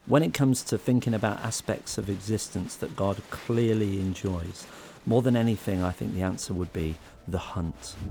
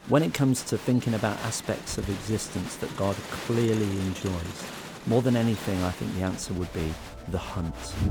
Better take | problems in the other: first | crowd noise; loud; throughout; 10 dB below the speech; faint in the first

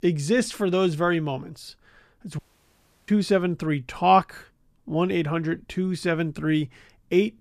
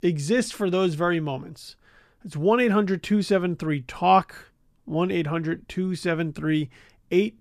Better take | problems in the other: second | audio cutting out; at 2.5 s for 0.5 s

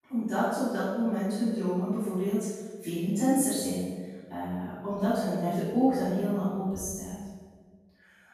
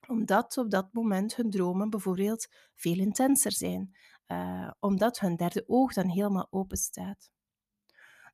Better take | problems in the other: second | off-mic speech; far // room echo; strong; dies away in 1.2 s

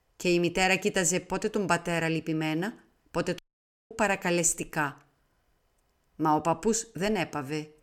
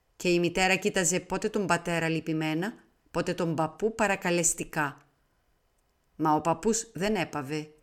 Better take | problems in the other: second | audio cutting out; at 3.5 s for 0.5 s

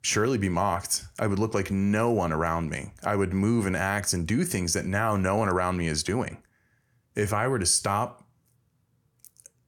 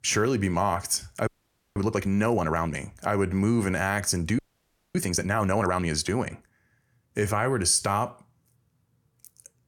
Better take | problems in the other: first | audio freezing; at 1.5 s and at 4.5 s for 0.5 s

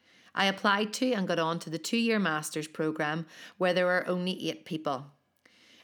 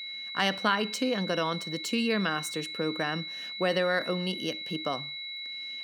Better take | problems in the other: first | high-pitched whine; loud; throughout; 4 kHz, 6 dB below the speech

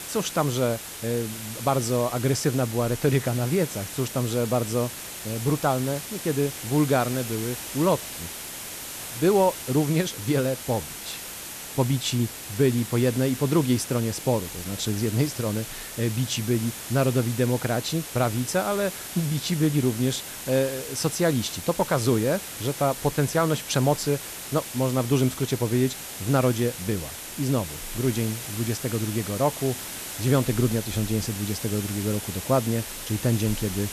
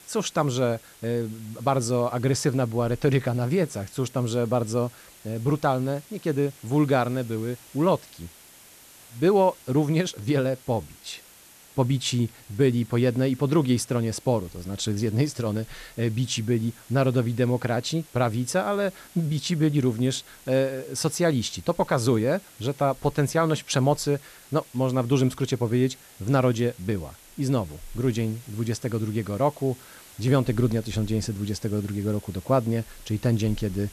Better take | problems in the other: second | hiss; loud; throughout; 8 dB below the speech; faint in the second

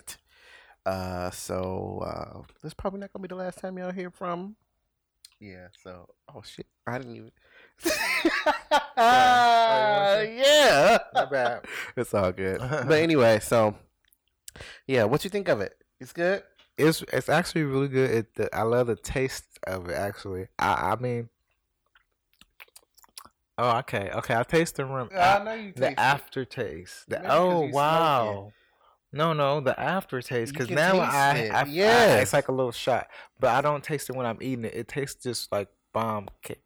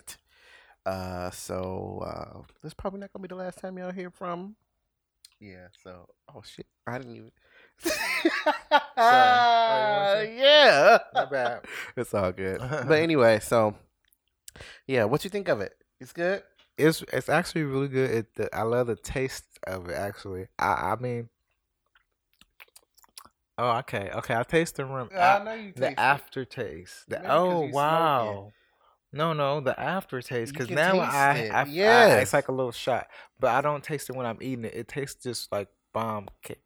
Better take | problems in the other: second | distortion; slight; 3% of the sound clipped

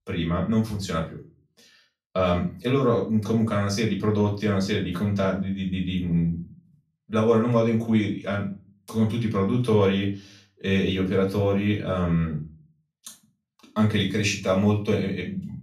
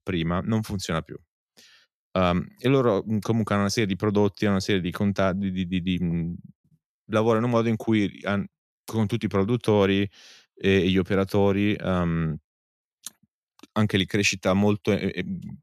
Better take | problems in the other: second | off-mic speech; far // room echo; slight; dies away in 0.3 s

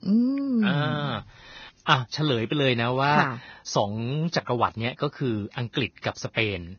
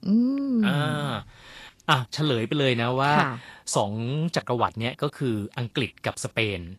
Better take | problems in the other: second | garbled, watery; badly; nothing above 6.5 kHz; slightly in the second

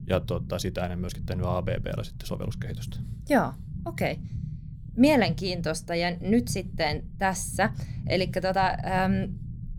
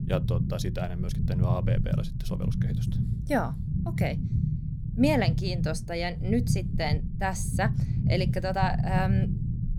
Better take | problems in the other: first | low rumble; loud; throughout; 9 dB below the speech; faint in the first

